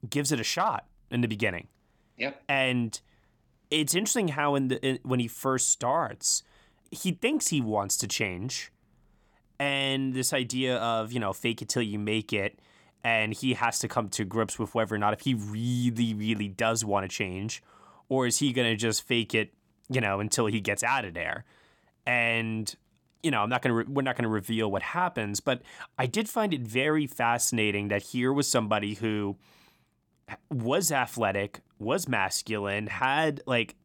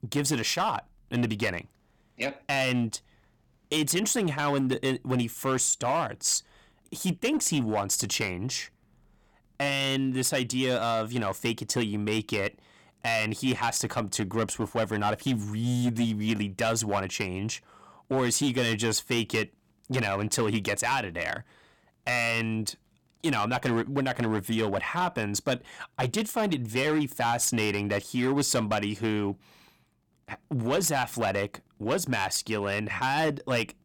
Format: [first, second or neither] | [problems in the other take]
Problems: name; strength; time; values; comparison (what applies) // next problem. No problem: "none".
first | distortion; slight; 7% of the sound clipped